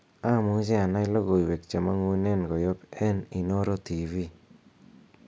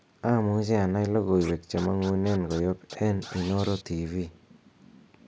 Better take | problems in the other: first | background sound (Scratching (performance technique)); 19 dB below the speech

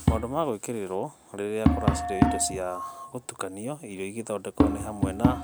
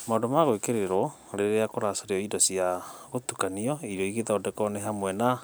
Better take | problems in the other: second | background sound (Tap); 4 dB above the speech

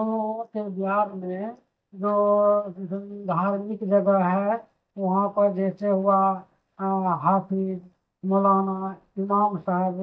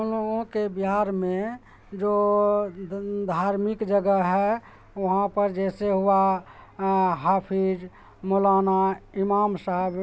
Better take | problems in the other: second | noise reduction (neural mask model DeepFilterNet 3)

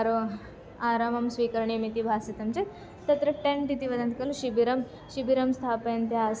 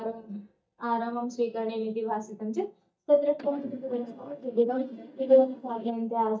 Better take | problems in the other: first | noise reduction (neural mask model DeepFilterNet 3)

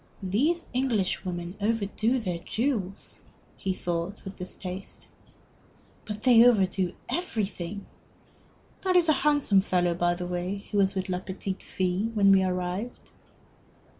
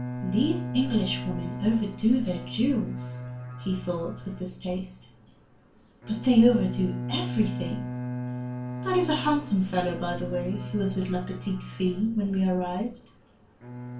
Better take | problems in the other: first | background sound (Bowed string instrument); 8 dB below the speech // room echo; dies away in 0.3 s

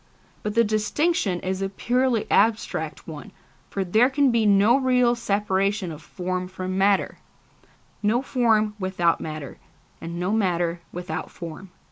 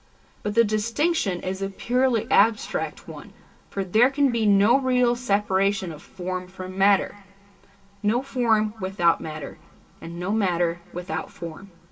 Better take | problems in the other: first | room echo; dies away in 0.1 s

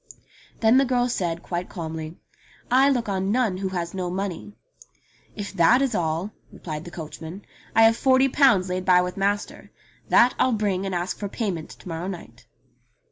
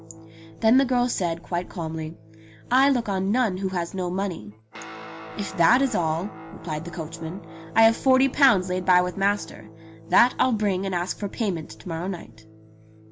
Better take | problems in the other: first | background sound (Guitar); 17 dB below the speech

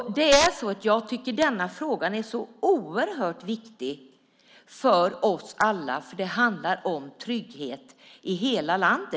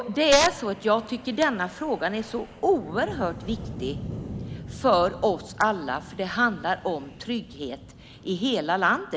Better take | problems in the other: first | background sound (Wind); 14 dB below the speech

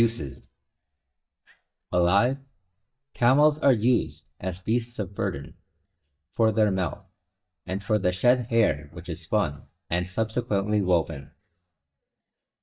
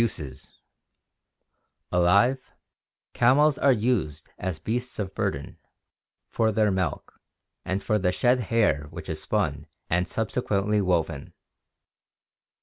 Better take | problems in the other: second | noise reduction (neural mask model DeepFilterNet 3)

